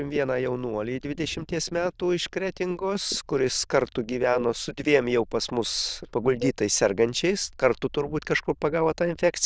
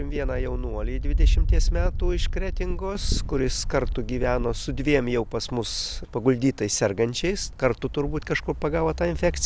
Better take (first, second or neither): second